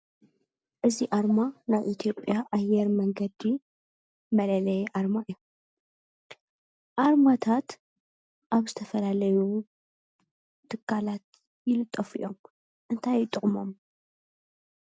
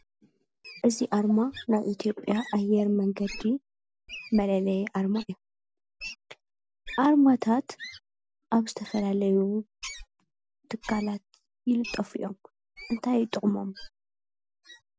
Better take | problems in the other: first | background sound (Wild animals); 19 dB below the speech

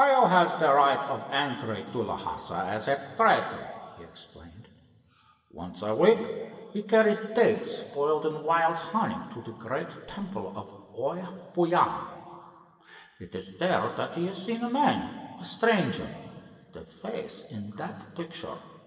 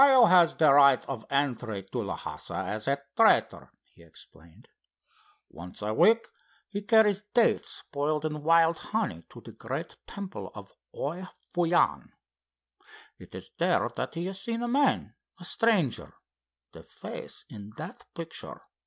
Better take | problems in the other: second | room echo; dies away in 1.9 s

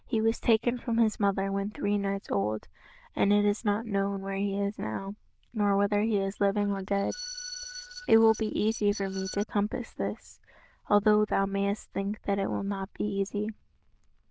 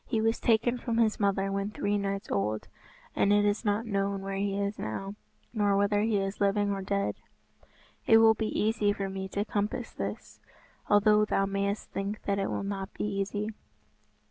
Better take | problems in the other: second | noise reduction (neural diffusion model UNIVERSE++)

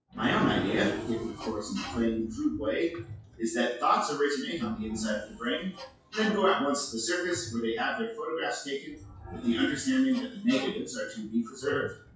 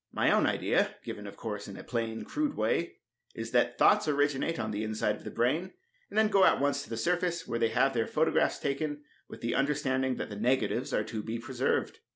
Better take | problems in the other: second | noise reduction (classical method WPE with log-MMSE)

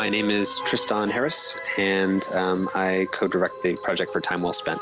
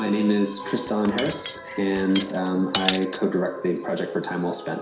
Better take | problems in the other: first | background sound (Cutlery, silverware); 10 dB below the speech // room echo; dies away in 0.7 s

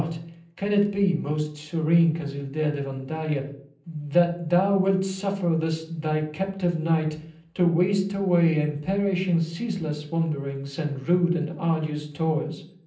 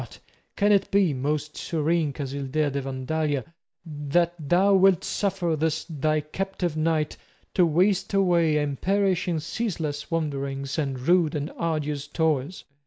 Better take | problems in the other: second | room echo; dies away in 0.6 s

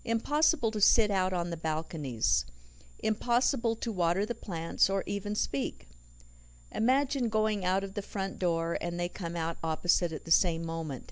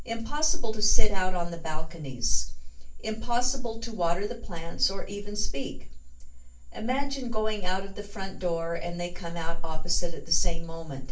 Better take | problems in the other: first | room echo; dies away in 0.3 s

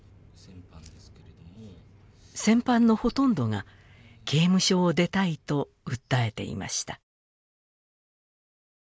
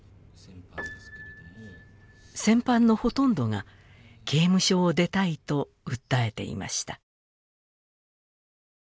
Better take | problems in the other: first | background sound (Piano); 19 dB below the speech

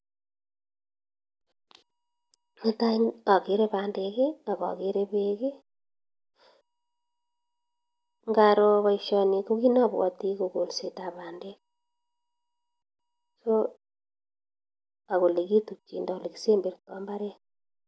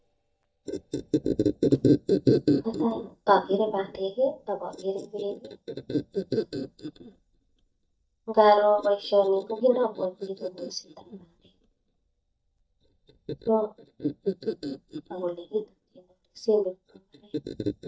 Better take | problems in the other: first | noise reduction (neural mask model DeepFilterNet 3)

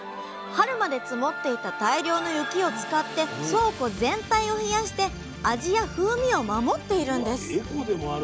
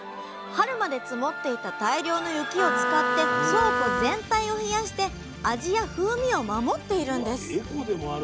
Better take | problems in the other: first | background sound (Wind instrument, woodwind instrument); 1 dB above the speech

